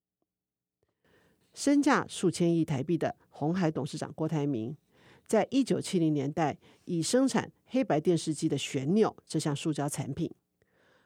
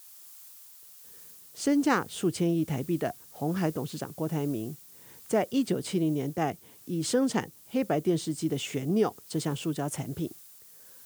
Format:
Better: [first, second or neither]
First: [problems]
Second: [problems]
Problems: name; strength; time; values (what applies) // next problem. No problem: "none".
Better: first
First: none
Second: hiss; noticeable; throughout; 15 dB below the speech